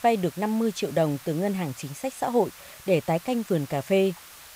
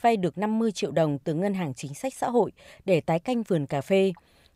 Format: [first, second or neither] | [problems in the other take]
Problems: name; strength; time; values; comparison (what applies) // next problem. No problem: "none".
second | hiss; noticeable; throughout; 20 dB below the speech